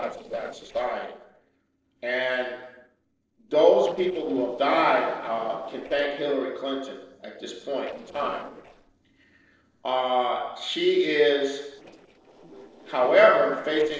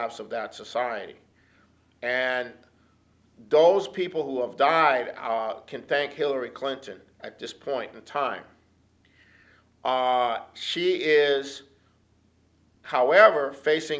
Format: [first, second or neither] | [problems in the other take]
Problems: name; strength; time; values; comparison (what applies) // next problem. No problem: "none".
second | noise reduction (neural separator model SepFormer DNS4)